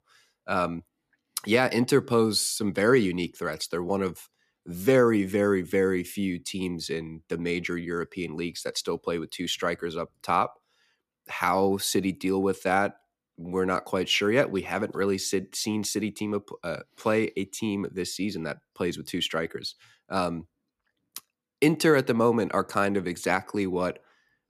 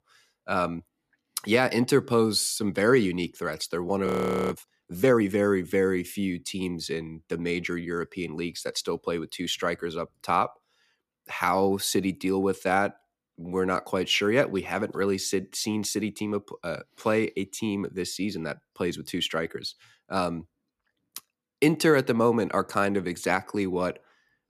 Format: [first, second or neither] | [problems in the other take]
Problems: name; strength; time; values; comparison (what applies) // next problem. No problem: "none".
first | audio freezing; at 4 s